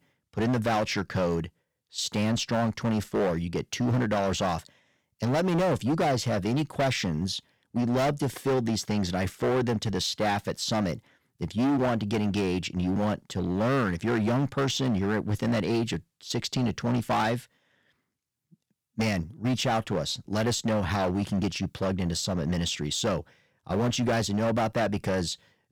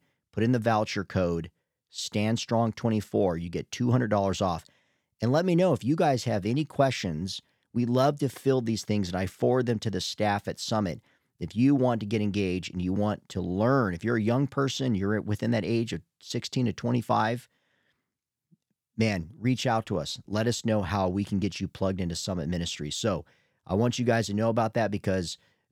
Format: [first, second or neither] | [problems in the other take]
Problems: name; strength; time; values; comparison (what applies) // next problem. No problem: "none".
second | distortion; heavy; 14% of the sound clipped